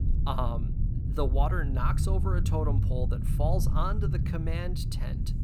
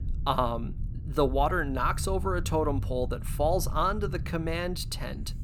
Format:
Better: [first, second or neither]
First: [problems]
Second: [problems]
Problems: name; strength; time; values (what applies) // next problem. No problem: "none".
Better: second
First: low rumble; loud; throughout; 8 dB below the speech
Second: low rumble; faint; throughout; 20 dB below the speech